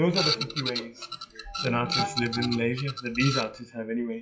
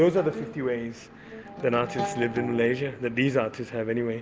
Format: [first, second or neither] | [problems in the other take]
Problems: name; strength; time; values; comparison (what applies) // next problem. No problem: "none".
second | noise reduction (classical method WPE with log-MMSE)